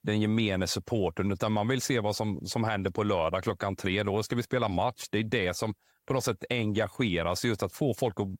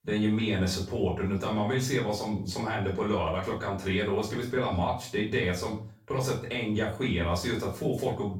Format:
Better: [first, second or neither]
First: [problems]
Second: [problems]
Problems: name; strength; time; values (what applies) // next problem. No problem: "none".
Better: first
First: none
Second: off-mic speech; far // room echo; slight; dies away in 0.4 s